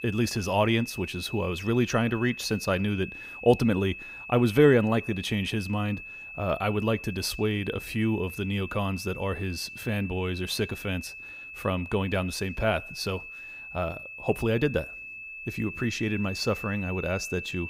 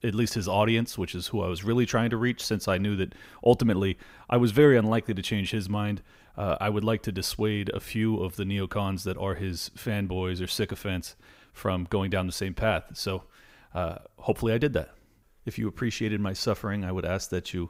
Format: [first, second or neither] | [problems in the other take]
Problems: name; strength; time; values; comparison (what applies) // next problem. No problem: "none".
second | high-pitched whine; noticeable; throughout; 2.5 kHz, 10 dB below the speech